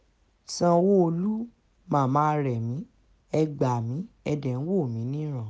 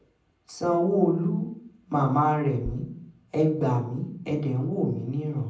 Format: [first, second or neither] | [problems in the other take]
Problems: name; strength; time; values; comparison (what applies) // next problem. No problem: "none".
first | background sound (Bass drum); 17 dB below the speech // room echo; dies away in 0.6 s